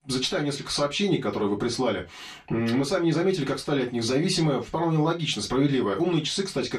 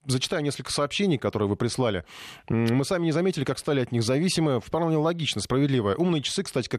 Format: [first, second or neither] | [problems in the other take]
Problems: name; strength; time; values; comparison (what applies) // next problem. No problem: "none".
second | room echo; very slight; dies away in 0.2 s // off-mic speech; far